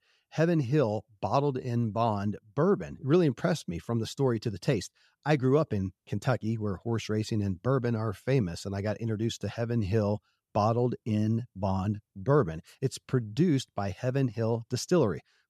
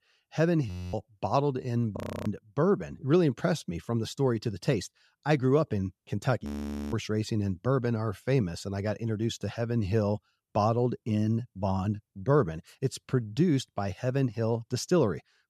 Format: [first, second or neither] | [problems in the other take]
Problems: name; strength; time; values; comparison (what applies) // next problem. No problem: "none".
first | audio freezing; at 0.5 s, at 2 s and at 6.5 s